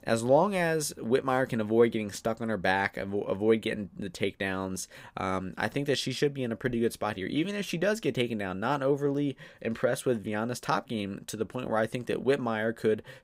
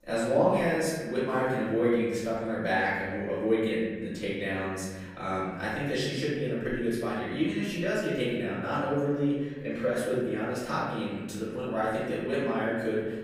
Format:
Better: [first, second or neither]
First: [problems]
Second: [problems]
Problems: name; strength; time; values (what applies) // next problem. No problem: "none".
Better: first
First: none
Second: room echo; noticeable; dies away in 1.3 s // off-mic speech; far